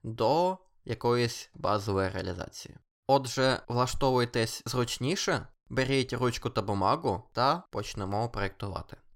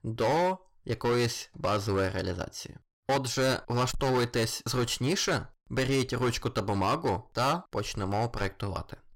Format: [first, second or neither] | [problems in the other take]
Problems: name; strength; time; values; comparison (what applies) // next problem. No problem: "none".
first | distortion; heavy; 10% of the sound clipped